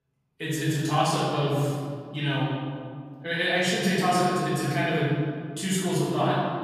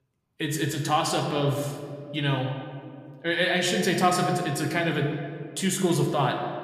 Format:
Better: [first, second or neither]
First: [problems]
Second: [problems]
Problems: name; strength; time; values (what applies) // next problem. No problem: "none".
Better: second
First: room echo; strong; dies away in 2 s // off-mic speech; far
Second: room echo; slight; dies away in 1.6 s